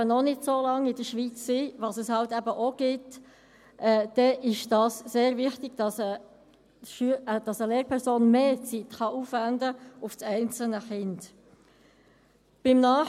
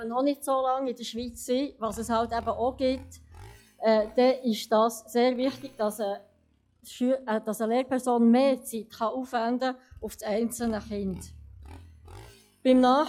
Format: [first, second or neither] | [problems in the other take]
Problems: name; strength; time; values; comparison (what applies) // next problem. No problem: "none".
first | noise reduction (classical method log-MMSE)